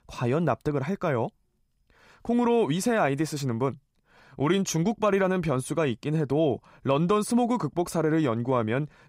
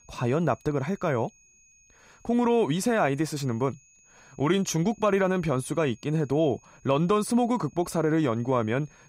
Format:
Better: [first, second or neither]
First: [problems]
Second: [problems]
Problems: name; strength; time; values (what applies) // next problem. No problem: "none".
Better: first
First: none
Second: high-pitched whine; faint; throughout; 6.5 kHz, 30 dB below the speech